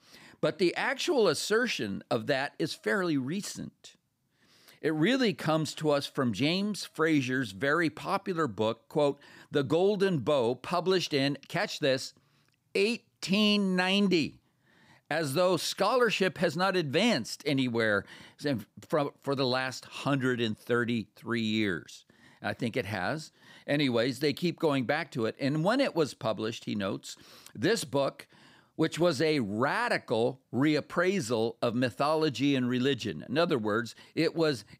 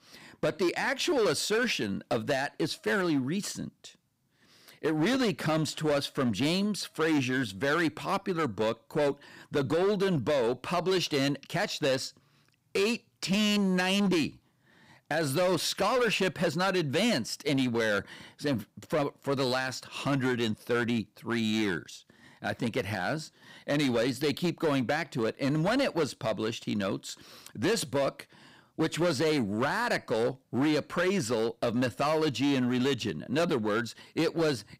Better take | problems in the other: first | distortion; slight; 11% of the sound clipped

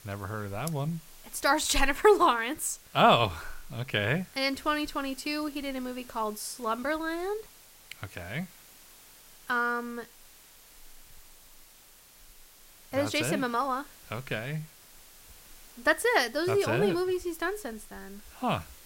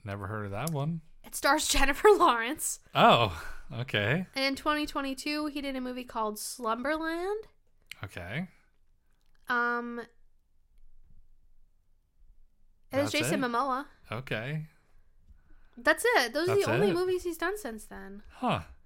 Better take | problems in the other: second | hiss; faint; throughout; 25 dB below the speech

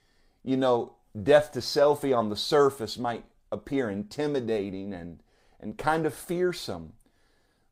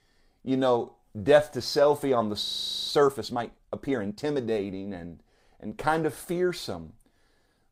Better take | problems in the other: first | audio freezing; at 2.5 s

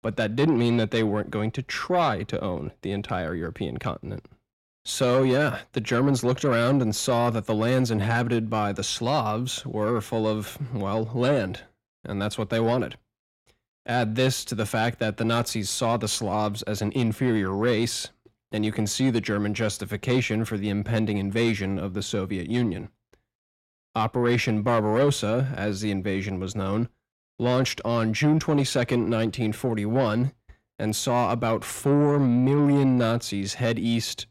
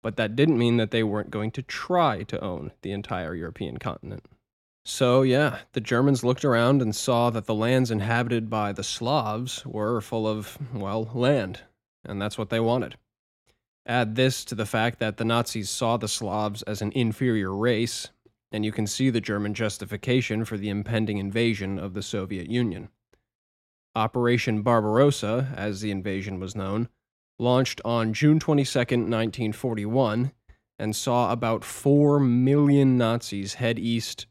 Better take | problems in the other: second | distortion; slight; 10 dB below the speech

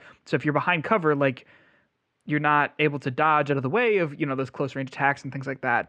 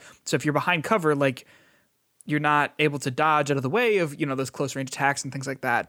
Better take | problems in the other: second | muffled; very; fading above 2.5 kHz

